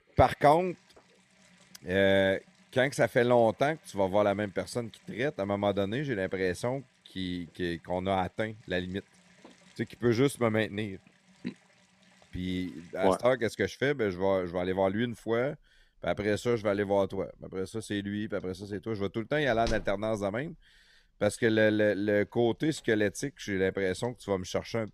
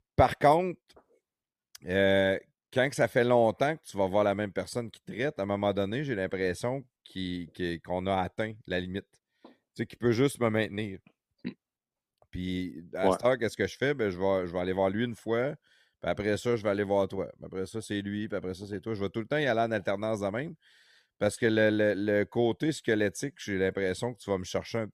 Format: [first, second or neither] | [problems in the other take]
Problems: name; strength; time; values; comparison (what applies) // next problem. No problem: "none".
second | household noises; faint; throughout; 25 dB below the speech